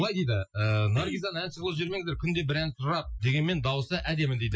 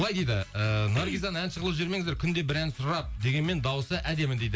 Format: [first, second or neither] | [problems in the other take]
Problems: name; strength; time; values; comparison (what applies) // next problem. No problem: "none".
second | noise reduction (classical method Wiener filter)